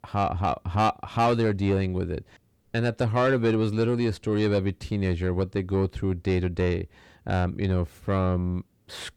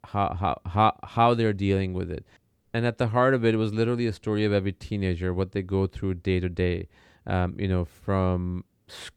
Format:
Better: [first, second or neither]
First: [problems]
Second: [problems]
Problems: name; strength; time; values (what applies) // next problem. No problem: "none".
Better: second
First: distortion; slight; 10 dB below the speech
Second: none